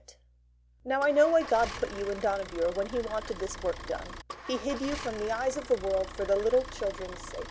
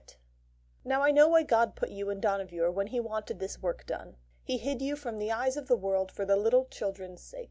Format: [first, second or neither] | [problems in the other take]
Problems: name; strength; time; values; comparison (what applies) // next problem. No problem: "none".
second | background sound (Idling / Engine starting / Motor vehicle (road)); 12 dB below the speech